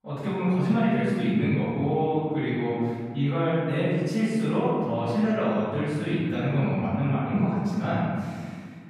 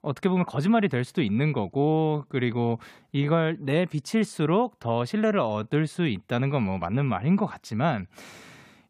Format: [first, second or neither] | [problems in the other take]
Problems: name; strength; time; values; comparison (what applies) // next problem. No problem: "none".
second | off-mic speech; far // room echo; strong; dies away in 1.7 s